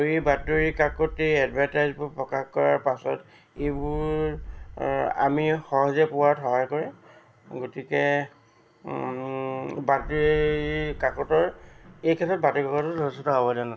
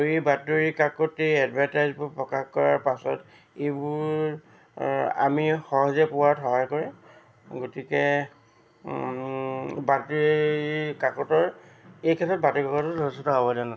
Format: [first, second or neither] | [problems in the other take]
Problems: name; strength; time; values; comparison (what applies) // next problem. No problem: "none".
second | background sound (Boom); 13 dB below the speech